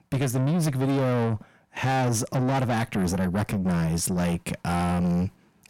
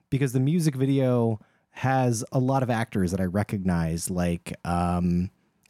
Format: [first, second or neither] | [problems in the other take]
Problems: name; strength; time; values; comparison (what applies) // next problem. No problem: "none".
second | distortion; heavy; 7 dB below the speech